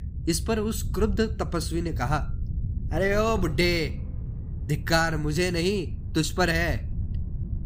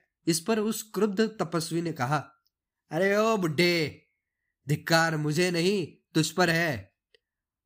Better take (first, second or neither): second